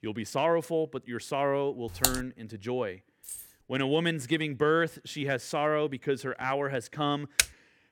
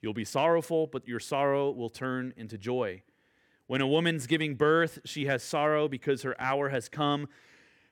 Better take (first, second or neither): second